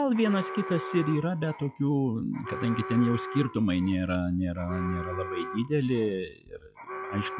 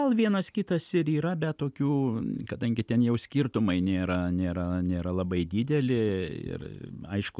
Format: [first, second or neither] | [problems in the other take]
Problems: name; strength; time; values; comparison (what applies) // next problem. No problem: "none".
second | noise reduction (classical method log-MMSE)